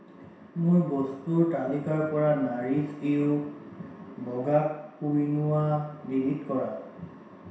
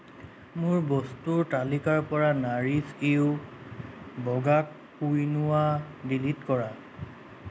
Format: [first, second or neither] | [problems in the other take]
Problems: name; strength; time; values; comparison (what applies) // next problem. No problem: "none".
second | room echo; dies away in 0.7 s